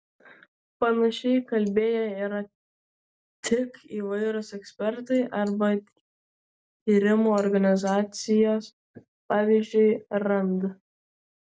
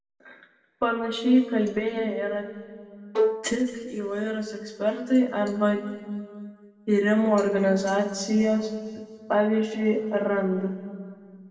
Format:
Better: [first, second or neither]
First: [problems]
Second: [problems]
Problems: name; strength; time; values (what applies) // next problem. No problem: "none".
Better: first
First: none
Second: background sound (Bowed string instrument); 2 dB below the speech // room echo; dies away in 1.9 s